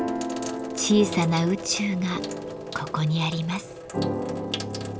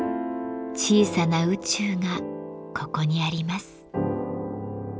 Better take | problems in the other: second | background sound (Sink (filling or washing)); 13 dB below the speech

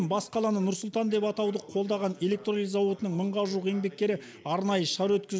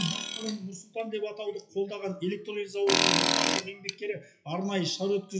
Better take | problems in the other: first | noise reduction (classical method WPE with log-MMSE)

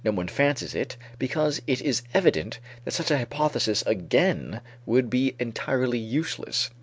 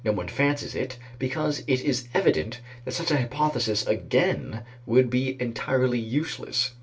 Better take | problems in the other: first | room echo; dies away in 0.2 s

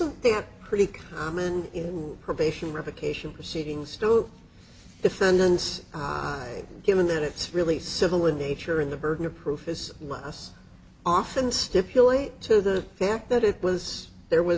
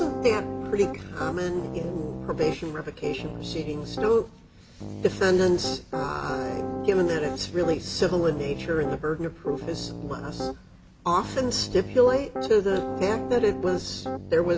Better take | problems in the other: first | background sound (Piano); 7 dB below the speech

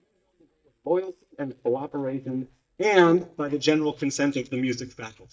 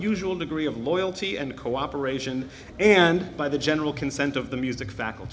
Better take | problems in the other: second | noise reduction (neural mask model DeepFilterNet 3)

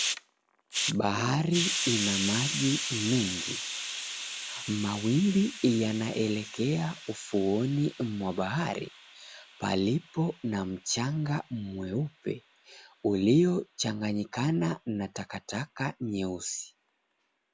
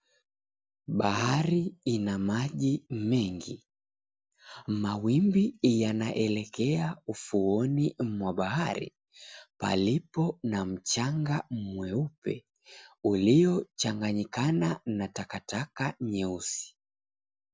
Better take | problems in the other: second | background sound (Hiss); 8 dB below the speech

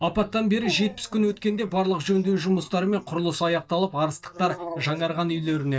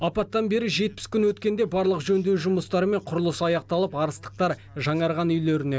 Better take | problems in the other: second | noise reduction (neural mask model DeepFilterNet 3)

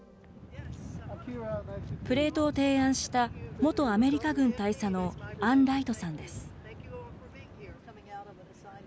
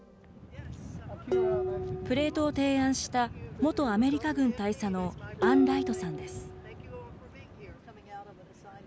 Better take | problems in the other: first | background sound (Dishes, pots, and pans); 6 dB below the speech

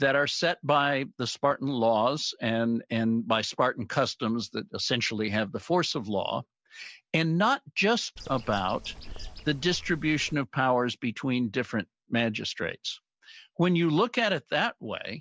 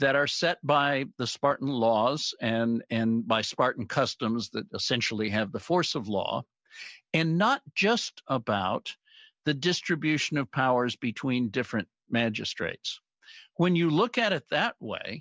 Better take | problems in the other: second | background sound (Bird); 14 dB below the speech

